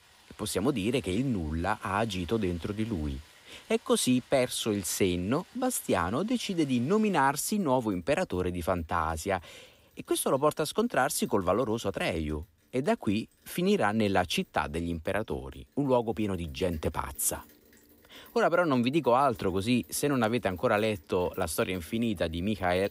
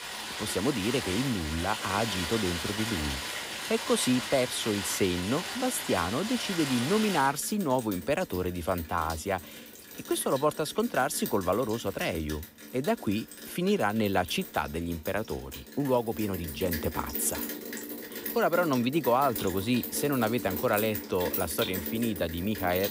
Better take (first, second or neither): first